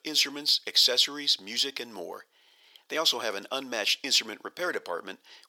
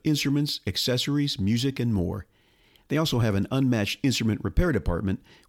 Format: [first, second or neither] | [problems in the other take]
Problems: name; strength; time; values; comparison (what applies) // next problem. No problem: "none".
second | thin; very; fading below 500 Hz